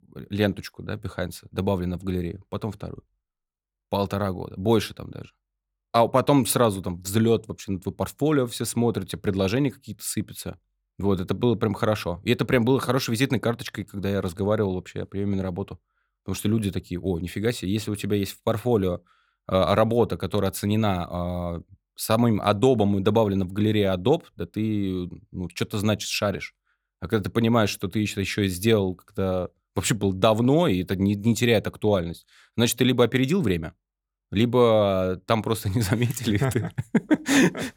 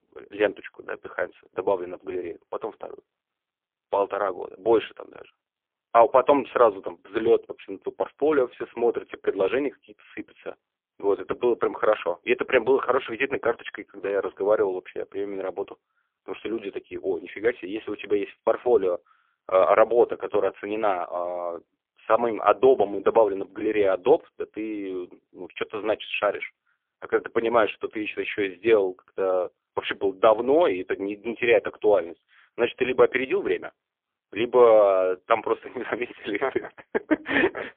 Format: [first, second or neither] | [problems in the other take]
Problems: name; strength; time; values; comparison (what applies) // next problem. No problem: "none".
first | phone-call audio; poor line; nothing above 3.5 kHz